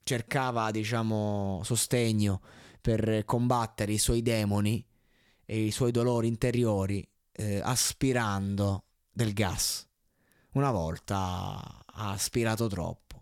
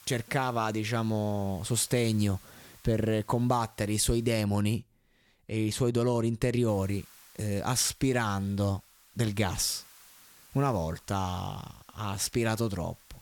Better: first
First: none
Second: hiss; faint; until 4.5 s and from 6.5 s on; 25 dB below the speech

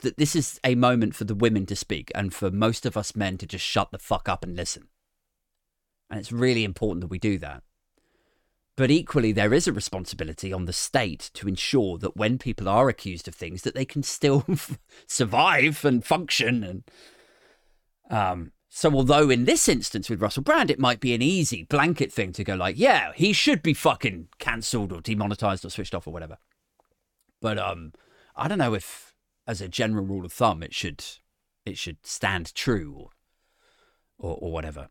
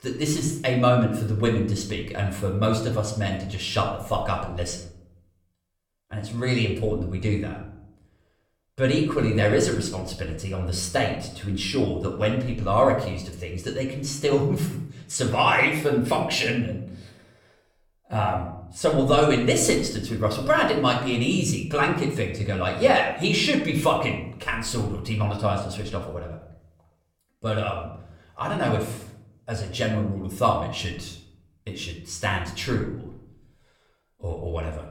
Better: first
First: none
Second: off-mic speech; somewhat distant // room echo; slight; dies away in 0.6 s

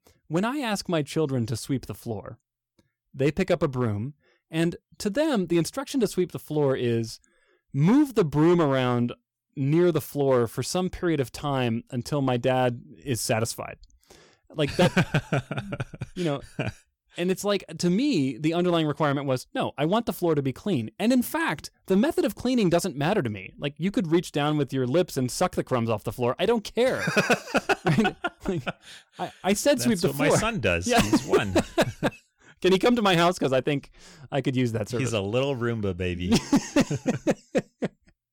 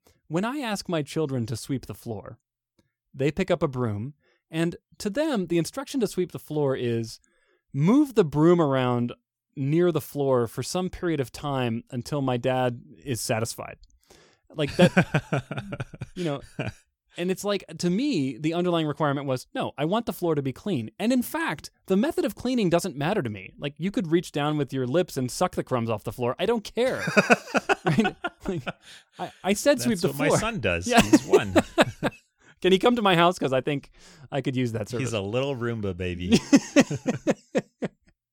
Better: second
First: distortion; slight; 2% of the sound clipped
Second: none

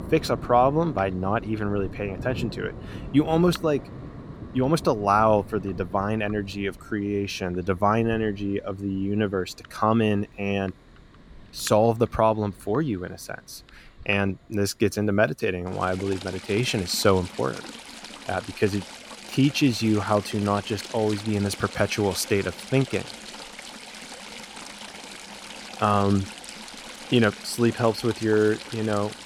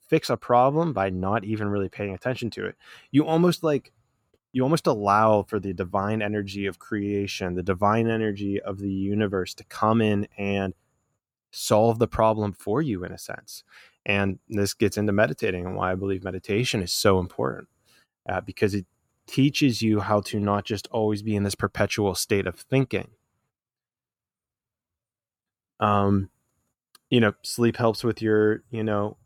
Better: second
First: rain or running water; noticeable; throughout; 15 dB below the speech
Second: none

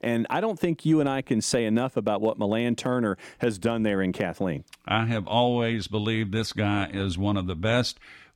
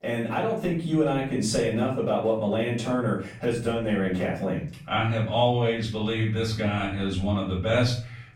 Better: first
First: none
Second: off-mic speech; far // room echo; noticeable; dies away in 0.5 s

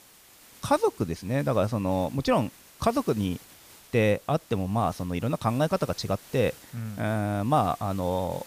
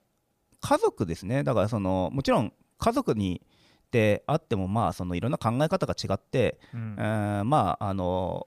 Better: second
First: hiss; faint; throughout; 20 dB below the speech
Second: none

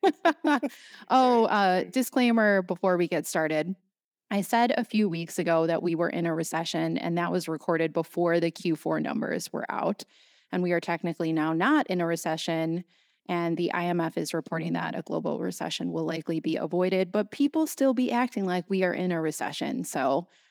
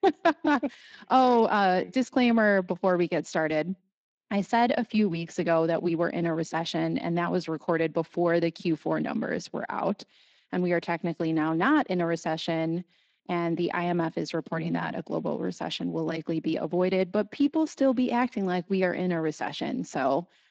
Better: first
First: none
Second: garbled, watery; slightly; nothing above 7.5 kHz

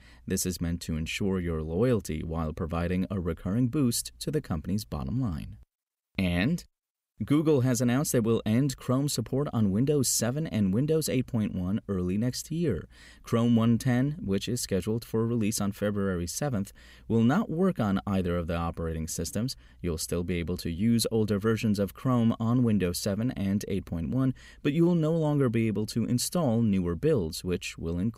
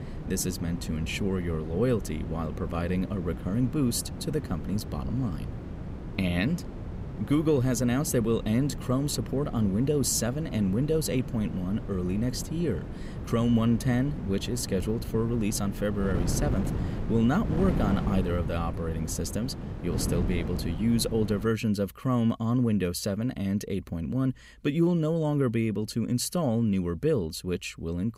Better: first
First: none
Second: wind noise on the microphone; occasional gusts; until 21 s; 10 dB below the speech

